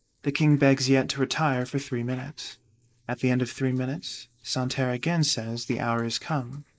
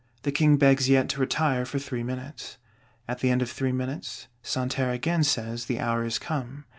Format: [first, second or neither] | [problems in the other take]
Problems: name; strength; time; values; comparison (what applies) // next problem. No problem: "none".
second | noise reduction (neural mask model Resemble Enhance denoiser)